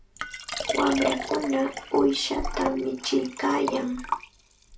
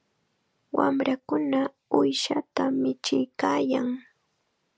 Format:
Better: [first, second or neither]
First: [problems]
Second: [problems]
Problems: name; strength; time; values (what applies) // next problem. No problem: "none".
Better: second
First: background sound (Liquid); 6 dB below the speech // room echo; dies away in 0.3 s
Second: none